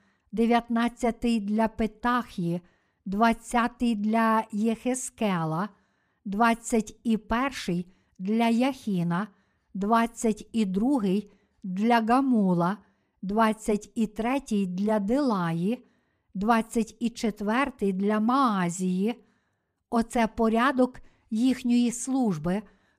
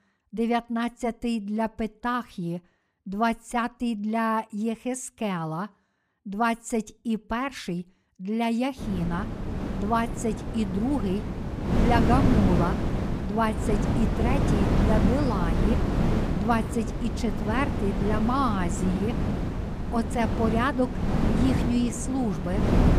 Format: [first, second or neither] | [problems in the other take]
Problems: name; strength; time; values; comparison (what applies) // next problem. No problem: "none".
first | wind noise on the microphone; heavy; from 9 s on; 3 dB below the speech